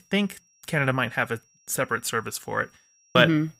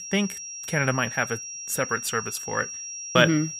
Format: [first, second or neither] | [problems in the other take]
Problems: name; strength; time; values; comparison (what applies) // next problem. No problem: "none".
first | high-pitched whine; loud; throughout; 5.5 kHz, 8 dB below the speech; faint in the first